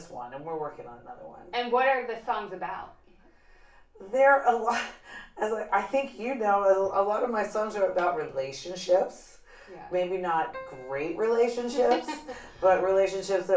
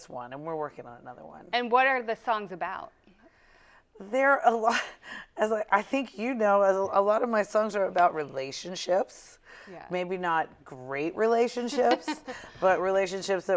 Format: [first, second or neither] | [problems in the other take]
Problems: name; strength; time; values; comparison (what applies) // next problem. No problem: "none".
second | background sound (Keyboard (musical)); 19 dB below the speech // room echo; dies away in 0.3 s